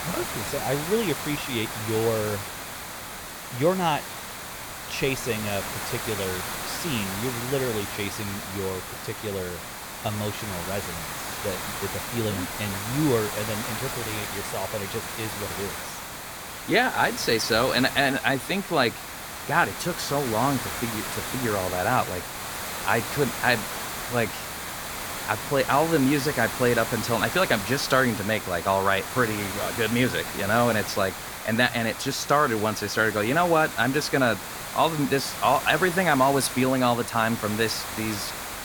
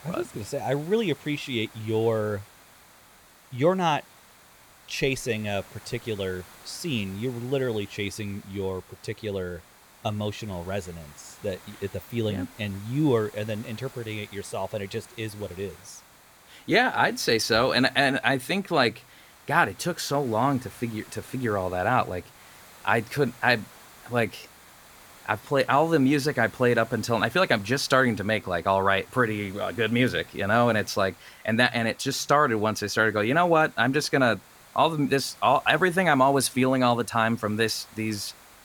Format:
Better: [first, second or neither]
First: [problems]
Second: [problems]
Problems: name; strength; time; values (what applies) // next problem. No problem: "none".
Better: second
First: hiss; loud; throughout; 6 dB below the speech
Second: hiss; faint; throughout; 25 dB below the speech